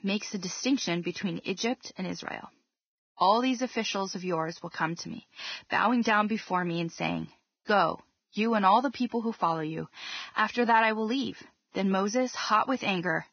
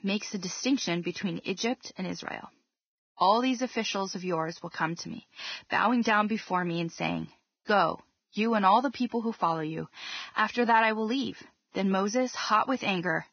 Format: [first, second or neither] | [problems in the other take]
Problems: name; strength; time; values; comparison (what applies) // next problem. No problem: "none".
neither | garbled, watery; badly; nothing above 6 kHz; the same in both